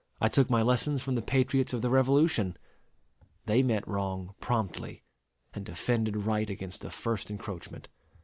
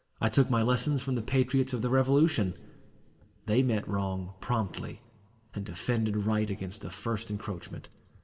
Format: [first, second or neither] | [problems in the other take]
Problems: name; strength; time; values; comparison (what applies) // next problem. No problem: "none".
first | room echo; dies away in 1.3 s